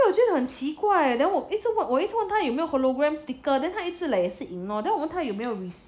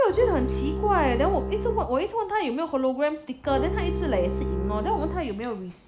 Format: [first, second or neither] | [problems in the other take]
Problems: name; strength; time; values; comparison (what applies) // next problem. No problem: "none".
first | background sound (Bowed string instrument); 3 dB below the speech